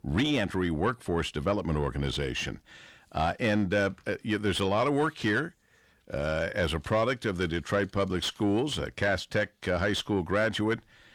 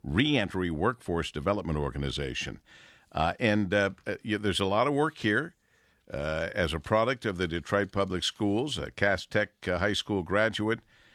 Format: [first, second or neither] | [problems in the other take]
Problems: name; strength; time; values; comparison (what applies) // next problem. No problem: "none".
second | distortion; slight; 10 dB below the speech